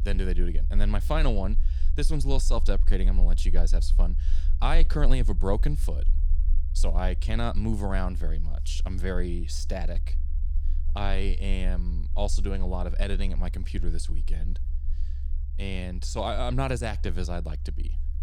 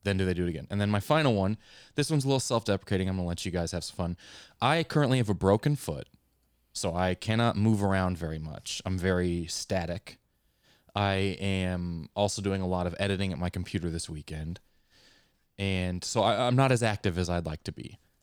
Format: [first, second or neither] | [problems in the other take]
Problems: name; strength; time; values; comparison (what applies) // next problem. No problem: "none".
second | low rumble; noticeable; throughout; 20 dB below the speech